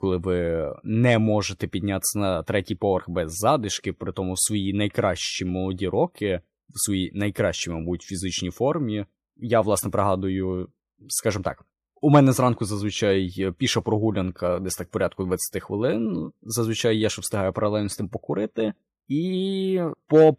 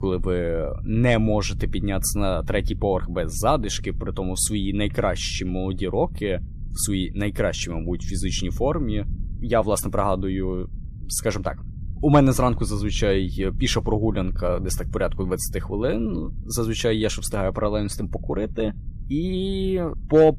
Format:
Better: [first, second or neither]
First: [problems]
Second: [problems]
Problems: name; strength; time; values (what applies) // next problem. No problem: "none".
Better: first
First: none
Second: low rumble; faint; throughout; 25 dB below the speech